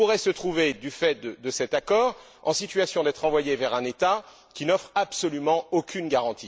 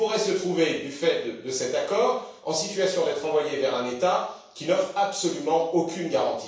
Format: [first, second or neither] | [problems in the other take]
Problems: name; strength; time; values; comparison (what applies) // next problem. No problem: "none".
first | room echo; dies away in 0.7 s